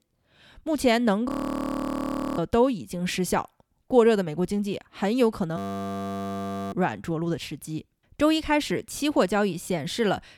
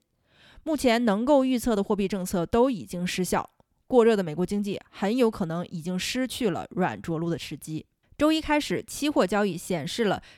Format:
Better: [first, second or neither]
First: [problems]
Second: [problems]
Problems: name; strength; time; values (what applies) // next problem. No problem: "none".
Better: second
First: audio freezing; at 1.5 s for 1 s and at 5.5 s for 1 s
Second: none